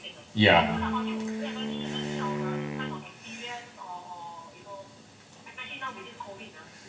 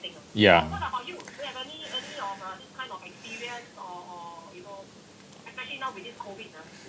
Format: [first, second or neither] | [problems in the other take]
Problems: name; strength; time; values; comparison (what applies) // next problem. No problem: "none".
second | background sound (Wind instrument, woodwind instrument); 2 dB below the speech // room echo; dies away in 0.9 s